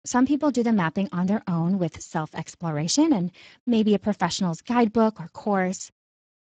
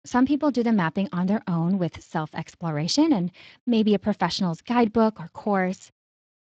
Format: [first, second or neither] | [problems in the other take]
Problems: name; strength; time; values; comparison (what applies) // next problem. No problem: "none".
second | garbled, watery; badly; nothing above 7.5 kHz; slightly in the second